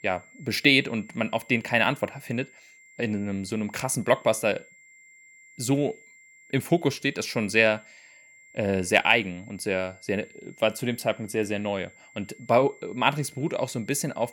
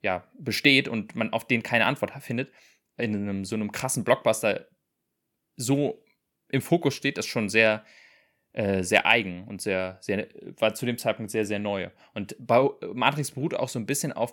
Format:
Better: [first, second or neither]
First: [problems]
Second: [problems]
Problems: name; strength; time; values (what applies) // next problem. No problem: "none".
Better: second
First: high-pitched whine; faint; throughout; 2 kHz, 25 dB below the speech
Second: none